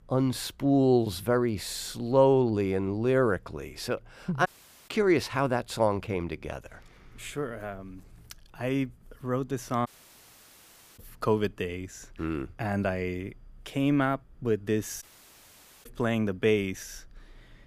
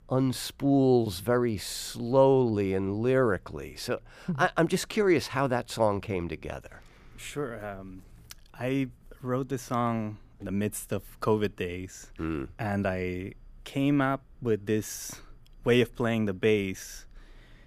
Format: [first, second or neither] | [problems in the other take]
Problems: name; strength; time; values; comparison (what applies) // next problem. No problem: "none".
second | audio cutting out; at 4.5 s, at 10 s for 1 s and at 15 s for 1 s